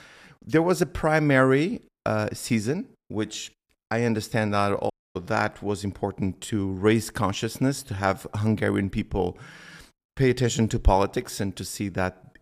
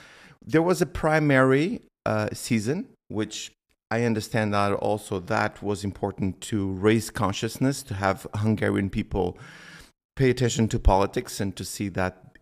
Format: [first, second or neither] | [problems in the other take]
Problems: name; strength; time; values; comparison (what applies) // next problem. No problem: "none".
second | audio cutting out; at 5 s